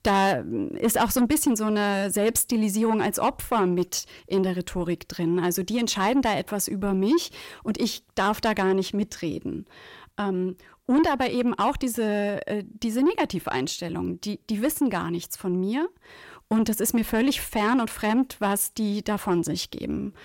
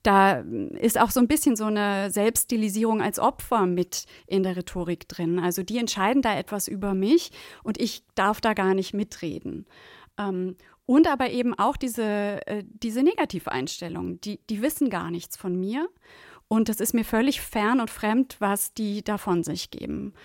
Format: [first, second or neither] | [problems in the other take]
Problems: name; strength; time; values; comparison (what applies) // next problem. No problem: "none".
second | distortion; slight; 10 dB below the speech